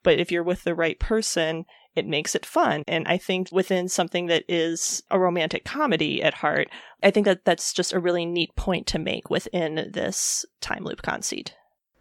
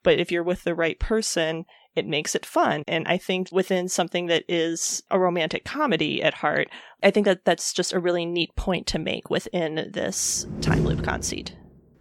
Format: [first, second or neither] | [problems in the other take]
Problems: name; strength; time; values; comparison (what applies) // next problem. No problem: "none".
first | door banging; loud; at 10 s; peak 1 dB above the speech